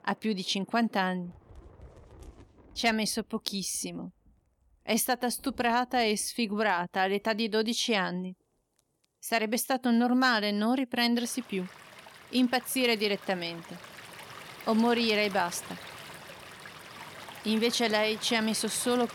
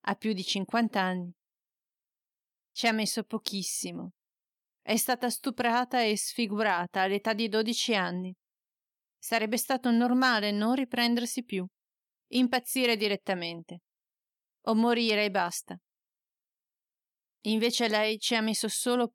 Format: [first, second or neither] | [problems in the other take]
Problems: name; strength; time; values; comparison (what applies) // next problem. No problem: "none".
second | rain or running water; noticeable; throughout; 15 dB below the speech